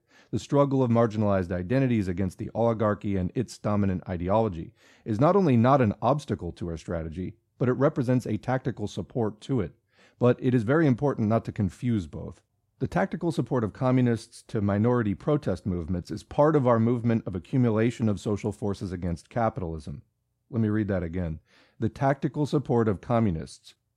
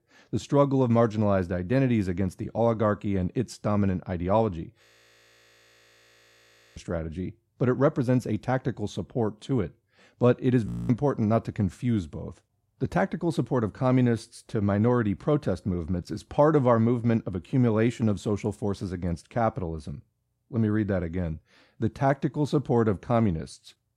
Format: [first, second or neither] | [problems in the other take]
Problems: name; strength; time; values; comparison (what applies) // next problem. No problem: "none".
first | audio freezing; at 5 s for 2 s and at 11 s